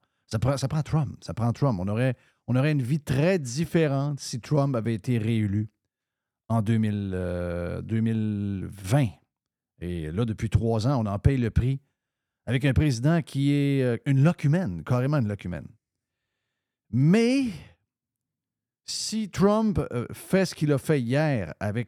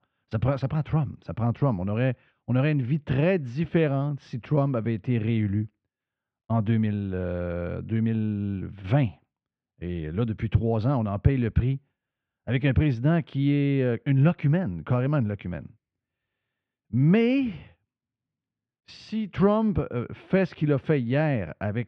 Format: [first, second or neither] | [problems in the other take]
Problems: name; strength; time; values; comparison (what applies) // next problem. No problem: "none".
first | muffled; very; fading above 3 kHz